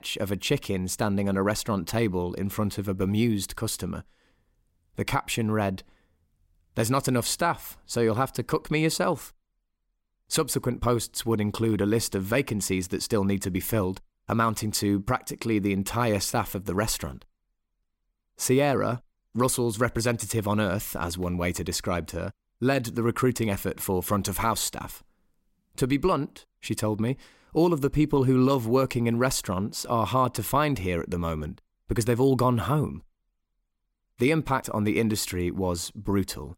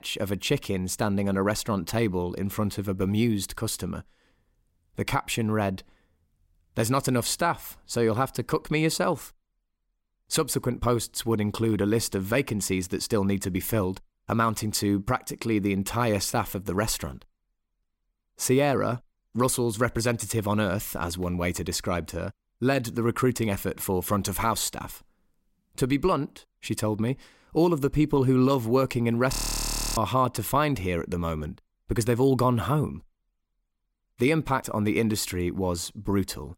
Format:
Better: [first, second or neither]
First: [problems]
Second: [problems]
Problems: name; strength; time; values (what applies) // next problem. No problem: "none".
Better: first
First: none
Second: audio freezing; at 29 s for 0.5 s